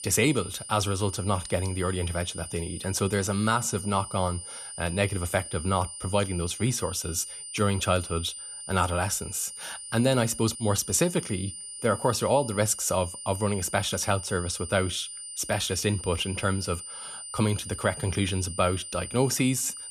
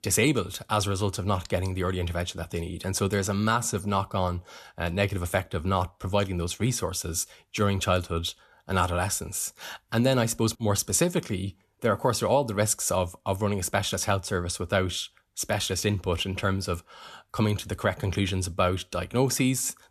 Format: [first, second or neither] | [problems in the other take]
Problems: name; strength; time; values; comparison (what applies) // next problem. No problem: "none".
second | high-pitched whine; loud; throughout; 9 kHz, 9 dB below the speech